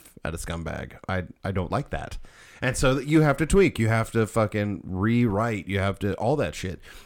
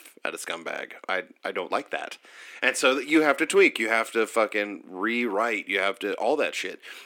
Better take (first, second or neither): first